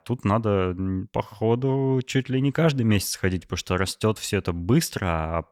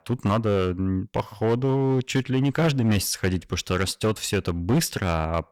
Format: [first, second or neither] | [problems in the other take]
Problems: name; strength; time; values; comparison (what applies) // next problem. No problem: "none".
first | distortion; slight; 7% of the sound clipped